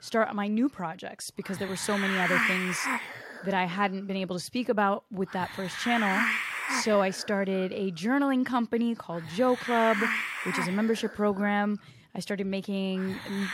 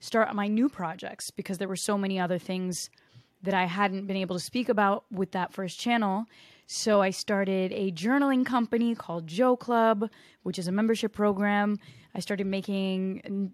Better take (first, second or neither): second